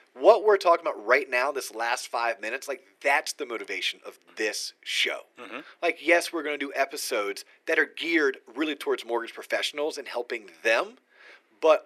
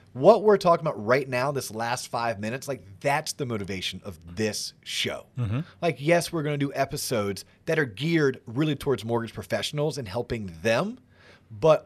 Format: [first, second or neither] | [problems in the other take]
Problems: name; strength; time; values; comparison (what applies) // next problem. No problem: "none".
second | thin; very; fading below 300 Hz